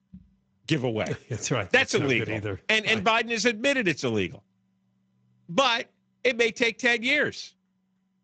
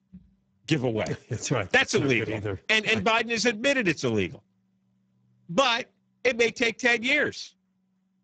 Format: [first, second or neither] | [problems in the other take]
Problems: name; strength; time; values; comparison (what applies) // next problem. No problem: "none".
first | garbled, watery; badly; nothing above 7.5 kHz; slightly in the first